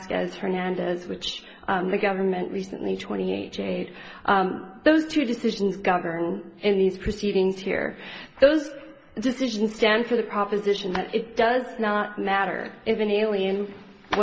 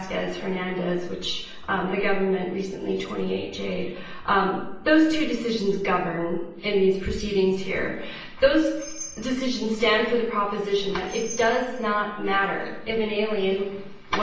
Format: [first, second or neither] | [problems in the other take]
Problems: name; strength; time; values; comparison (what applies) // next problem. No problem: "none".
first | background sound (Bell); 15 dB below the speech // room echo; dies away in 0.7 s